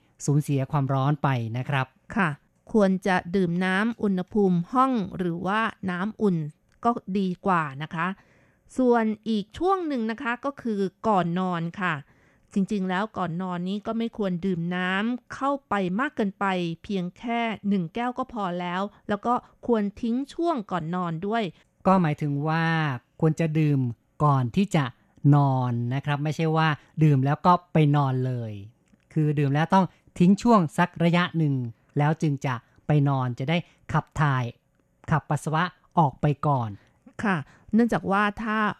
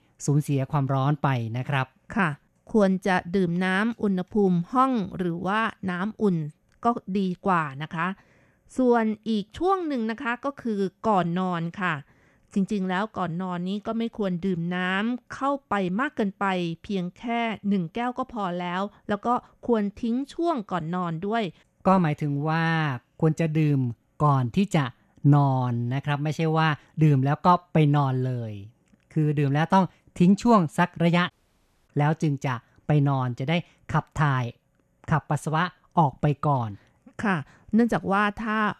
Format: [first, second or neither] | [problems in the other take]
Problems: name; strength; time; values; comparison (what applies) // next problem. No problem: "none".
first | audio cutting out; at 31 s for 0.5 s